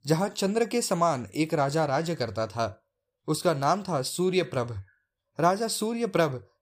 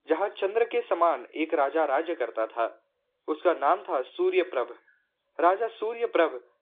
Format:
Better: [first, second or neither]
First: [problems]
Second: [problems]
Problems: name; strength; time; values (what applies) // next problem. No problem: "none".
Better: first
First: none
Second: phone-call audio